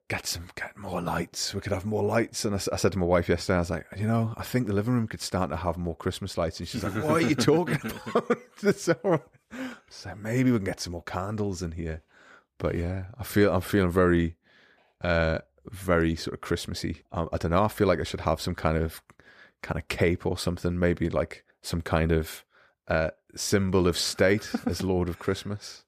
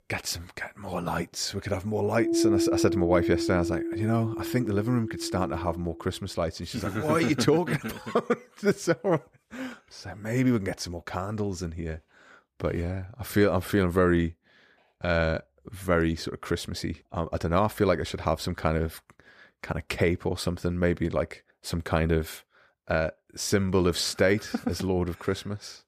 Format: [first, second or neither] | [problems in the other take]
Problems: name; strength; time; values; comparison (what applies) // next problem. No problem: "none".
first | background music; very faint; until 6 s; 2 dB below the speech